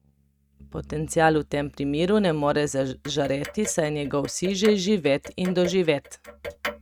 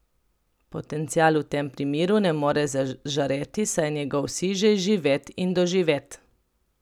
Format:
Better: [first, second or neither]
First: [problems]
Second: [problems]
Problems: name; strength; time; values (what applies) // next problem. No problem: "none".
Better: second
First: noise reduction (neural mask model RNNoise)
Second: none